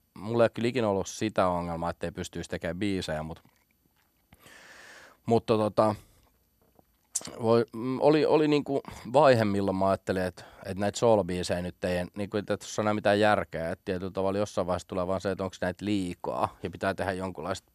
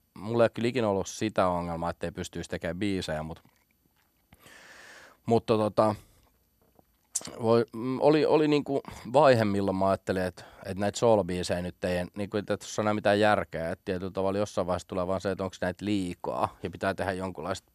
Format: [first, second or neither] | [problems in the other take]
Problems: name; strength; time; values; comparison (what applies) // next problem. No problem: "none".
neither | none